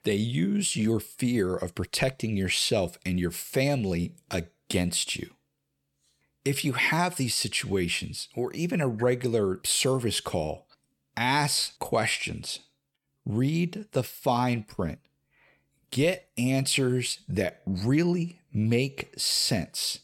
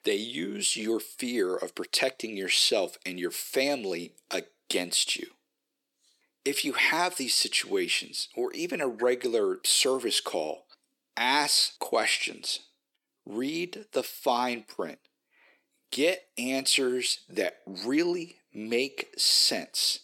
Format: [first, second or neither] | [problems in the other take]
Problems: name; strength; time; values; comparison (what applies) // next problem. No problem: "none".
first | thin; somewhat; fading below 300 Hz